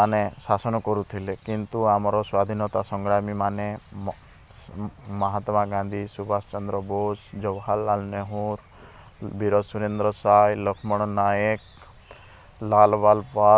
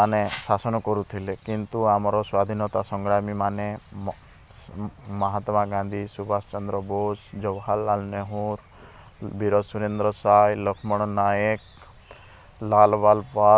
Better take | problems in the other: first | background sound (Whoosh, swoosh, swish); 16 dB below the speech

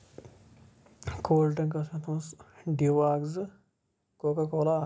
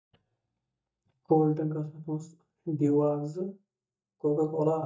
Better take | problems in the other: first | noise reduction (neural mask model DeepFilterNet 3)

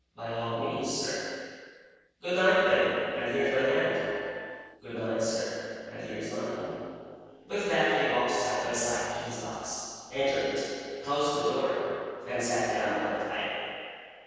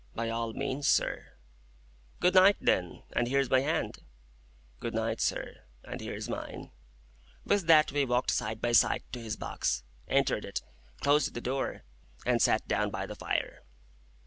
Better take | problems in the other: second | noise reduction (neural separator model SepFormer DNS4)

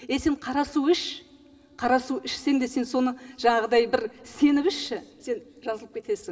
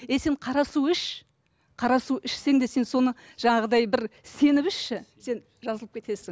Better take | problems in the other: second | room echo; dies away in 2.2 s

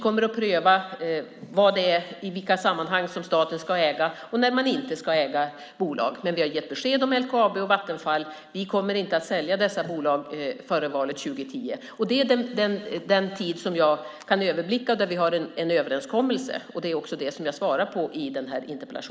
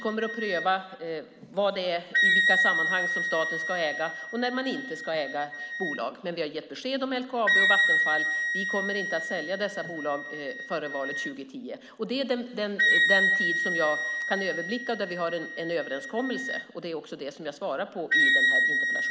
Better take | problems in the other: first | background sound (Wind instrument, woodwind instrument); 3 dB above the speech

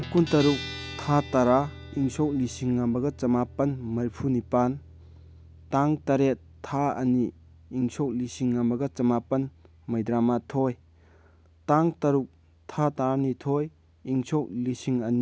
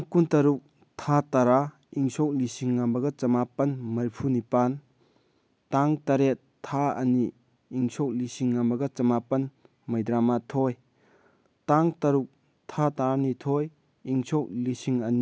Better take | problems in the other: second | background sound (Guitar); 18 dB below the speech

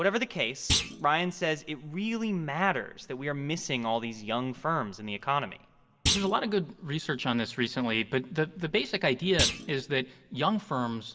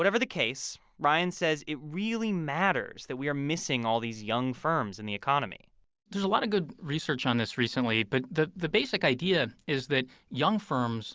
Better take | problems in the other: second | background sound (Thump, thud); 4 dB below the speech // room echo; dies away in 1 s

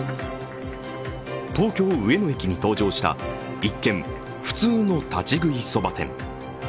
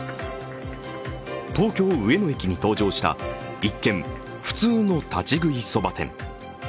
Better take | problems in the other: second | background sound (Musical instrument); 13 dB below the speech

